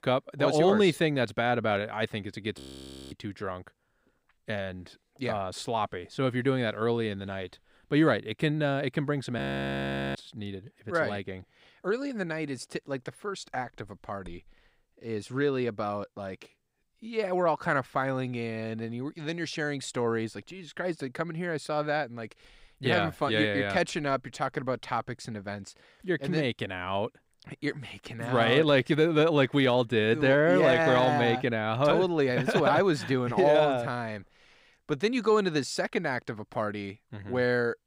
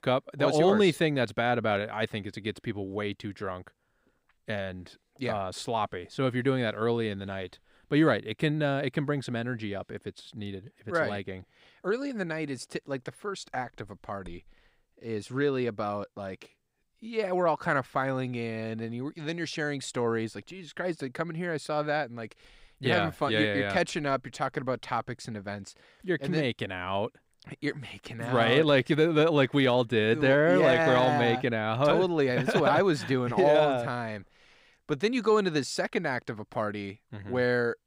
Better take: second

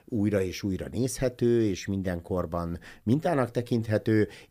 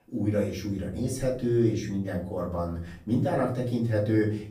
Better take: first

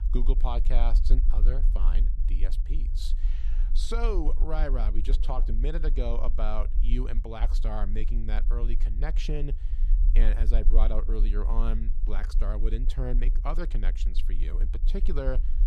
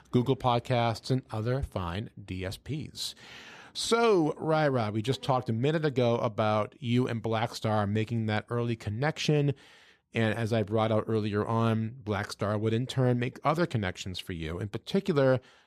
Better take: second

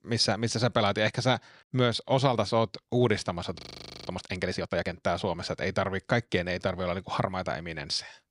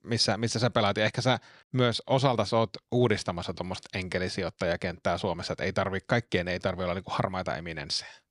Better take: second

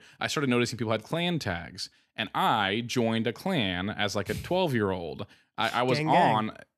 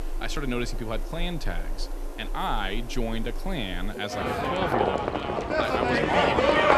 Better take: first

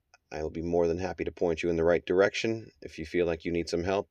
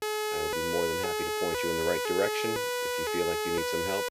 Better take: first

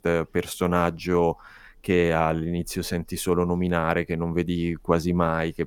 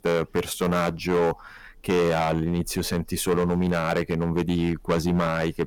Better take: first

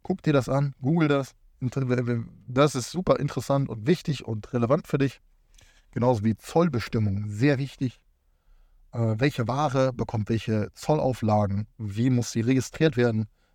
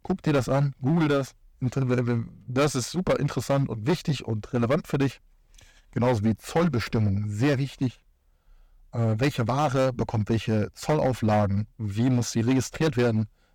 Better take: first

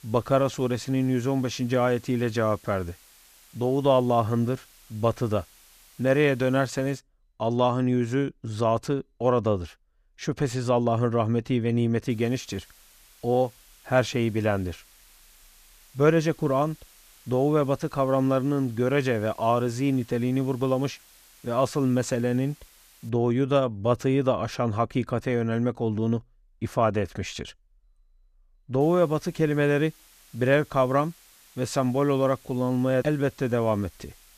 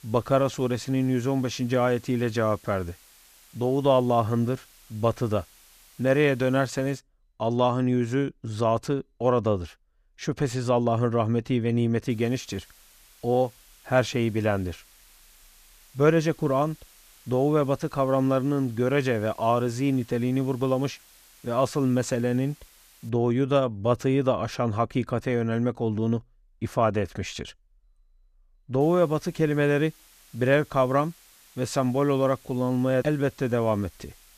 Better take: neither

